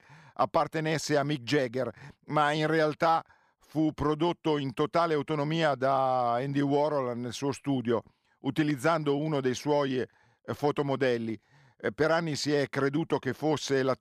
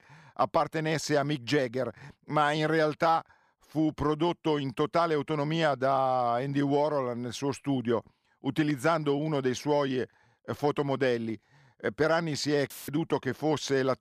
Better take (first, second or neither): first